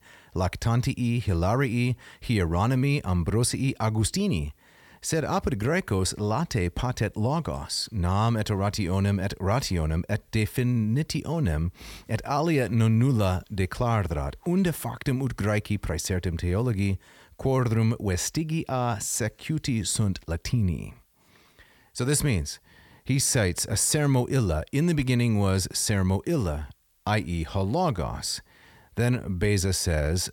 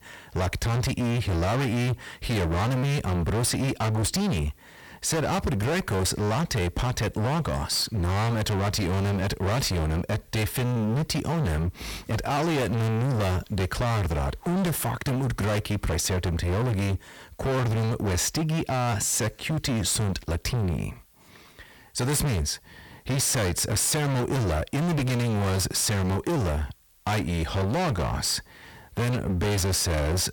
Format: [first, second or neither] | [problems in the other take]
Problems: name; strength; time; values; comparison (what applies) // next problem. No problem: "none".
first | distortion; heavy; 37% of the sound clipped